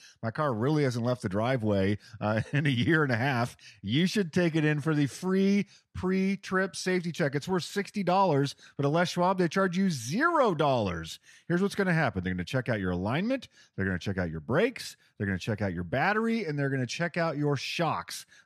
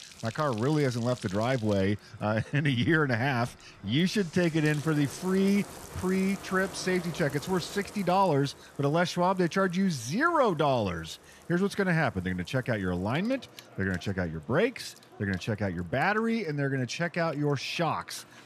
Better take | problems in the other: first | household noises; noticeable; throughout; 20 dB below the speech

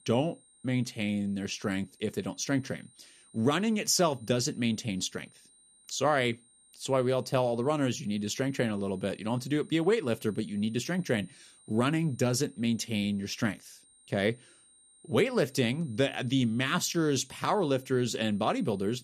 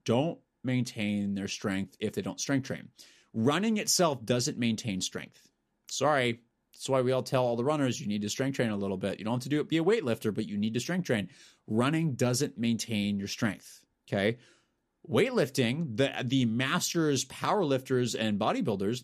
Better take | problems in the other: second | high-pitched whine; faint; throughout; 8.5 kHz, 30 dB below the speech

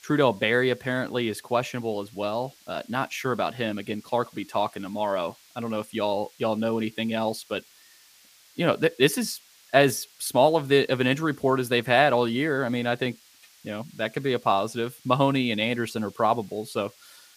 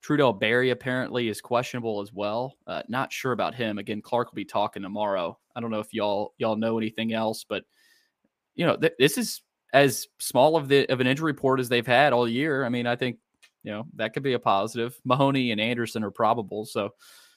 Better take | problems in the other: second | hiss; faint; throughout; 25 dB below the speech

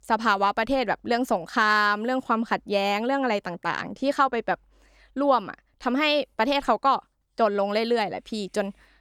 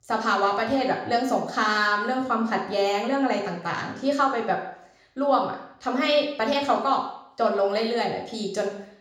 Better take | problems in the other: first | room echo; slight; dies away in 0.6 s // off-mic speech; somewhat distant

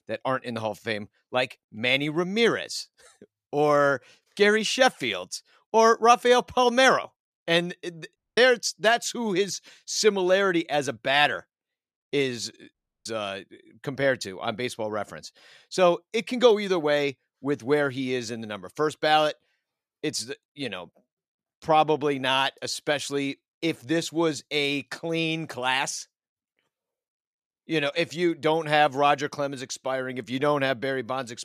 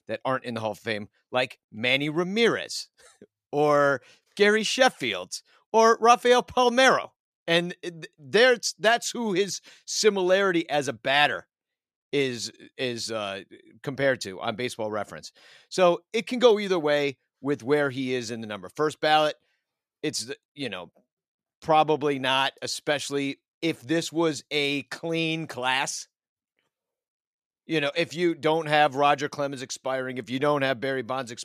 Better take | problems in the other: second | audio cutting out; at 8 s and at 13 s

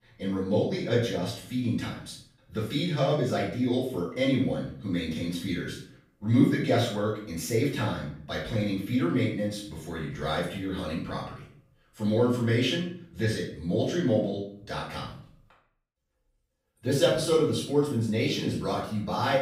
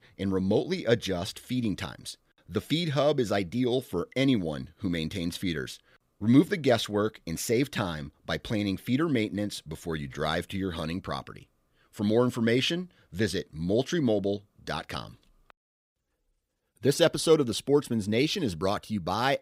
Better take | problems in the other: second | room echo; noticeable; dies away in 0.5 s // off-mic speech; far

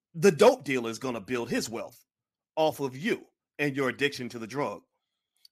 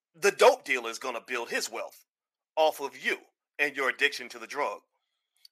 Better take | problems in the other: first | thin; very; fading below 650 Hz

